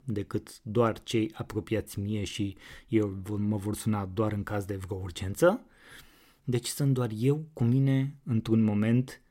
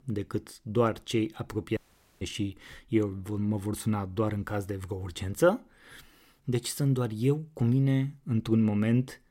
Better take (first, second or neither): first